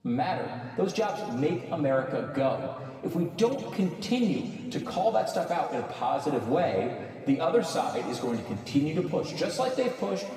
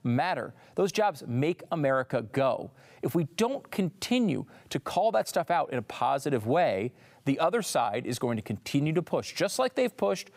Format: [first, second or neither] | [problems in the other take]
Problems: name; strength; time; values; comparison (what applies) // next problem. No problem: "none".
second | room echo; noticeable; dies away in 2.1 s // off-mic speech; far